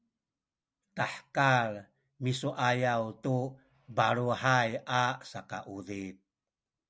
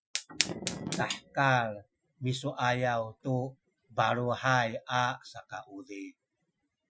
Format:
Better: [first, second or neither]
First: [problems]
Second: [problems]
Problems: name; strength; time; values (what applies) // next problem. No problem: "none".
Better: first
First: none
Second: noise reduction (classical method Wiener filter)